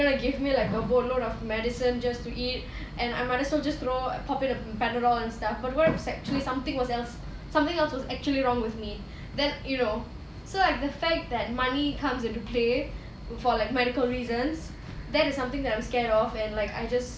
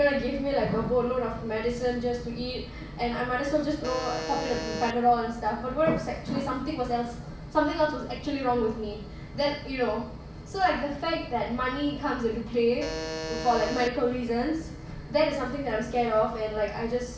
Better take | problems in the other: first | background sound (Alarm); 7 dB below the speech // room echo; dies away in 0.8 s

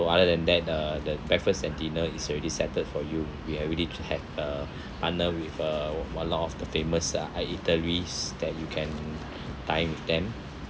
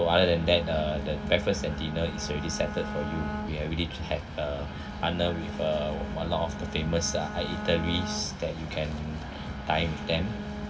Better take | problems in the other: first | background sound (Bowed string instrument); 10 dB below the speech // room echo; dies away in 2.1 s

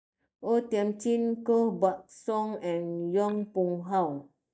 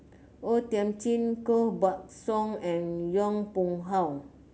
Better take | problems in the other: second | noise reduction (neural mask model DeepFilterNet 3)

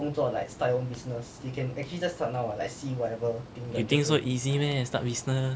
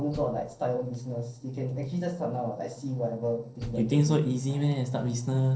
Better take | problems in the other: first | noise reduction (neural separator model SepFormer DNS4)

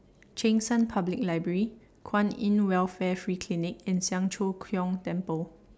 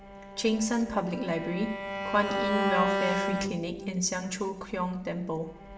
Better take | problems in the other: first | background sound (Bowed string instrument); 3 dB below the speech // room echo; dies away in 0.8 s

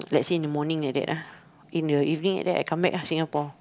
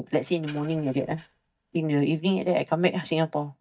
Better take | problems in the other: first | noise reduction (neural mask model DeepFilterNet 3)

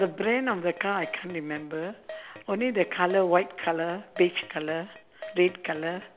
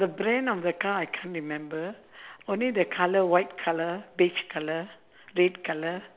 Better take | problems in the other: second | background sound (Keyboard (musical)); 19 dB below the speech

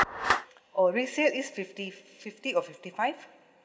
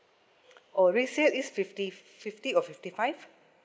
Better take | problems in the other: second | background sound (Clapping); 5 dB below the speech // room echo; dies away in 0.6 s

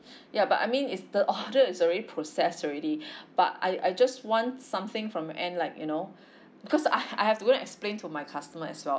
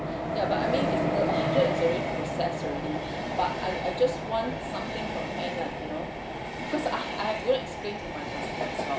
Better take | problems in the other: first | background sound (Train); 1 dB above the speech // room echo; dies away in 0.5 s

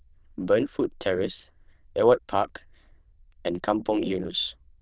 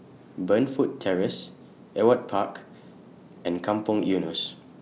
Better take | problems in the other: second | noise reduction (neural diffusion model UNIVERSE++)

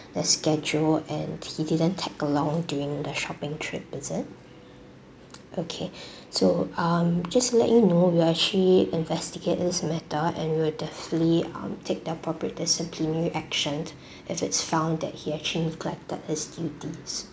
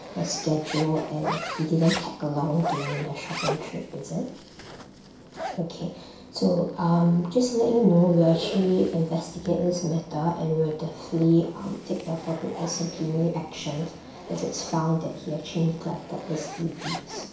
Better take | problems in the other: first | background sound (Zipper (clothing)); 12 dB below the speech // room echo; dies away in 0.6 s

